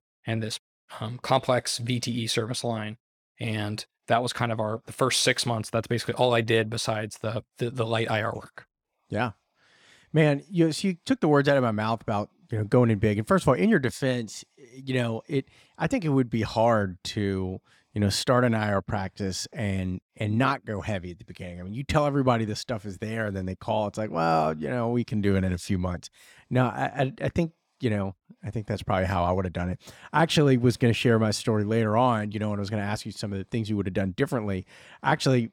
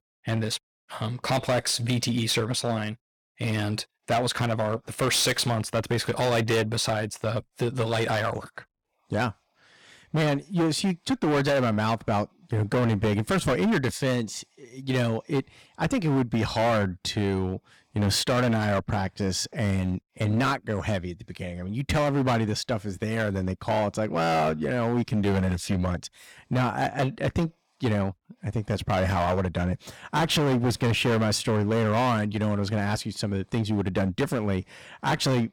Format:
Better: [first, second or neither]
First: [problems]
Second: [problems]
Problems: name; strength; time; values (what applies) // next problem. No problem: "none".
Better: first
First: none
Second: distortion; heavy; 13% of the sound clipped